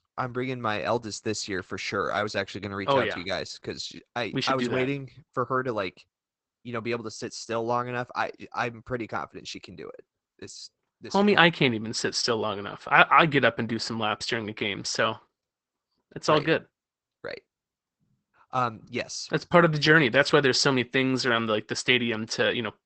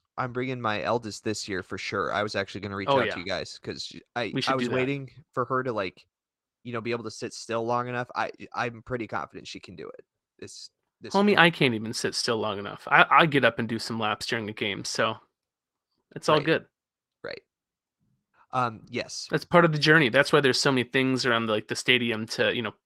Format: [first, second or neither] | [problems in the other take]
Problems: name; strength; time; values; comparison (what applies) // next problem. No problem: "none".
second | garbled, watery; badly; nothing above 8 kHz; slightly in the second